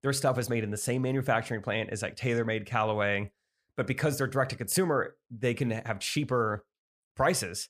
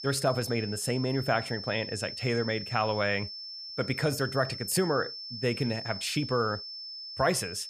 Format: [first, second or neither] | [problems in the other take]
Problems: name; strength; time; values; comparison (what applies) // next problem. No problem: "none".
first | high-pitched whine; loud; throughout; 5.5 kHz, 8 dB below the speech